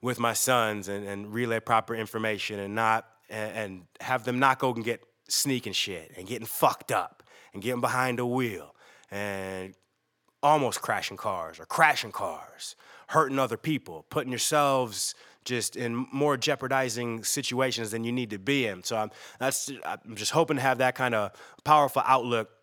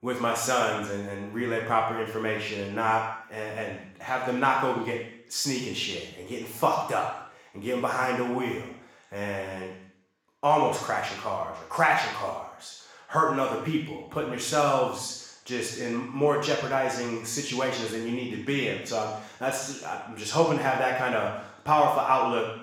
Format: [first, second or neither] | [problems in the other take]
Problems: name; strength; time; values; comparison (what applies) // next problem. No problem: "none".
first | room echo; noticeable; dies away in 0.7 s // off-mic speech; far